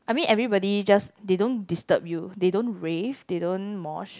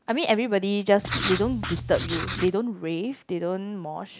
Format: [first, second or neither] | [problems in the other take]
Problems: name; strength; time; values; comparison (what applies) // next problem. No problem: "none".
first | background sound (Writing); 5 dB below the speech